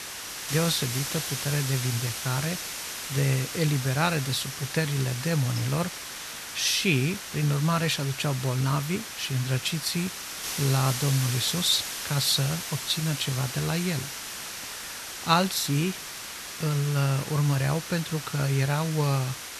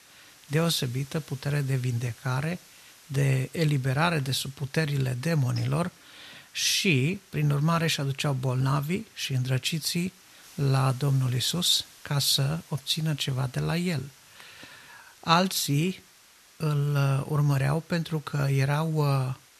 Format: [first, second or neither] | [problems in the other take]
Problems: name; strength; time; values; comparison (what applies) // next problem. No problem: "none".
second | hiss; loud; throughout; 6 dB below the speech; faint in the second